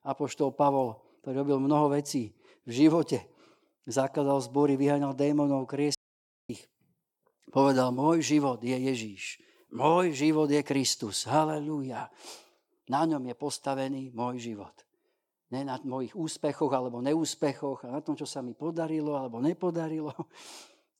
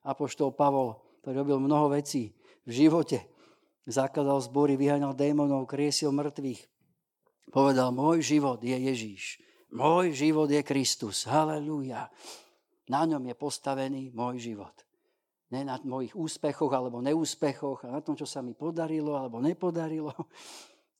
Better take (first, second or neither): second